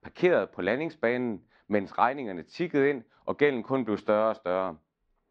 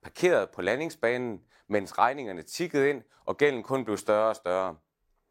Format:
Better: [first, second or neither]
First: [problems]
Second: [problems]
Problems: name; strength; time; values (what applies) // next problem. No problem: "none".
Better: second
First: muffled; slightly; fading above 4 kHz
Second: none